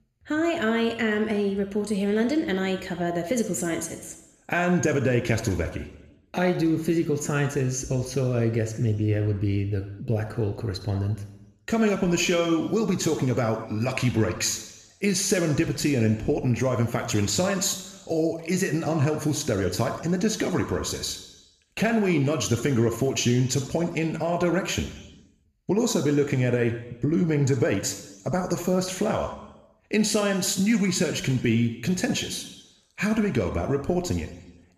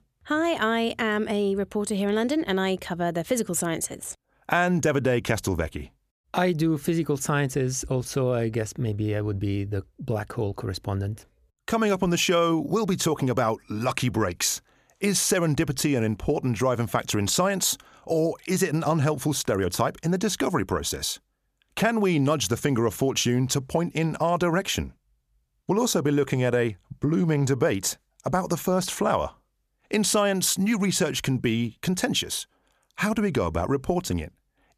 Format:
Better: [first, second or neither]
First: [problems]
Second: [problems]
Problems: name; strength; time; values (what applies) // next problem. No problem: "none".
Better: second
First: room echo; slight; dies away in 0.9 s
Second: none